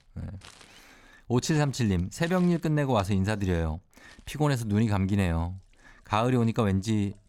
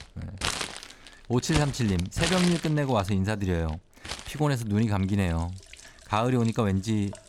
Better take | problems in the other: first | household noises; loud; throughout; 6 dB below the speech; faint in the first

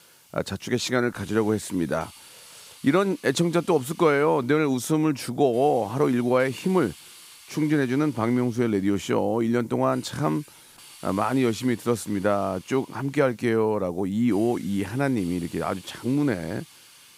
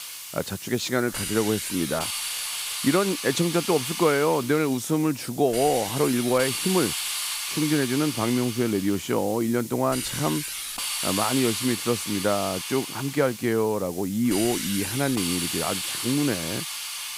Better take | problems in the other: first | hiss; loud; throughout; 4 dB below the speech; faint in the first

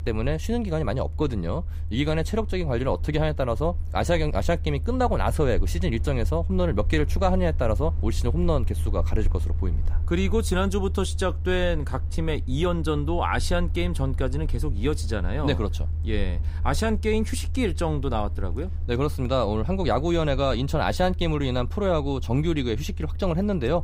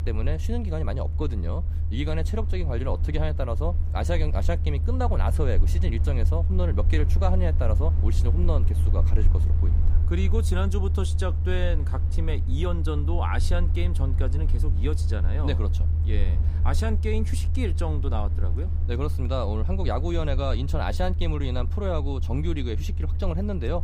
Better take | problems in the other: first | low rumble; loud; throughout; 10 dB below the speech; faint in the first

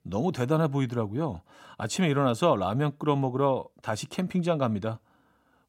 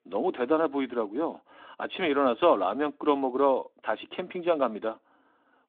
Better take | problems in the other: first | phone-call audio; nothing above 3.5 kHz

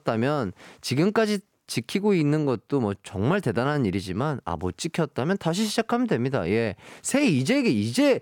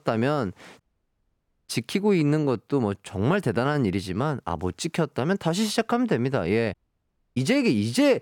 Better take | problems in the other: first | audio cutting out; at 1 s for 1 s and at 6.5 s for 0.5 s

